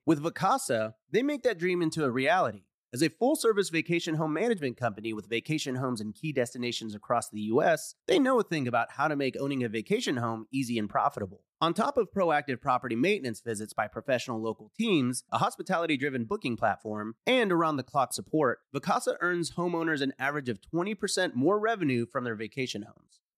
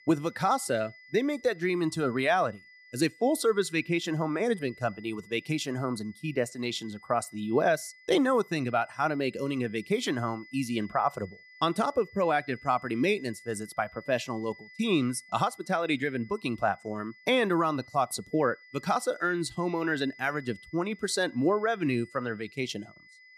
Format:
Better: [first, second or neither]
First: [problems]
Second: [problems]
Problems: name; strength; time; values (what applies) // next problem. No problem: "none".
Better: first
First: none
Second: high-pitched whine; faint; throughout; 2 kHz, 20 dB below the speech